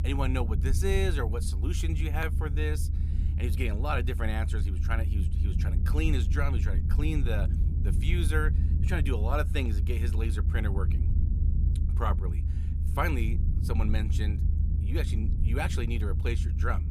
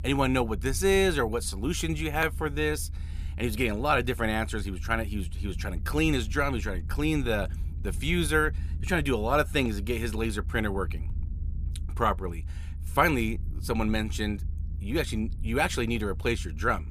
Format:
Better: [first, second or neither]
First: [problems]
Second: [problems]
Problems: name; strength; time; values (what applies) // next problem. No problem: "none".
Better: second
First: low rumble; loud; throughout; 9 dB below the speech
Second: low rumble; faint; throughout; 25 dB below the speech